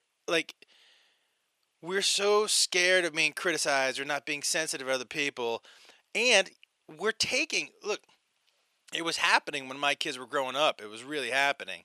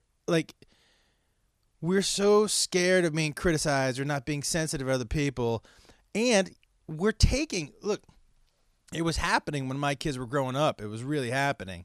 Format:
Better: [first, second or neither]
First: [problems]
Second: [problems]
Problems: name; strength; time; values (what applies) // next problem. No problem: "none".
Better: second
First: thin; somewhat; fading below 450 Hz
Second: none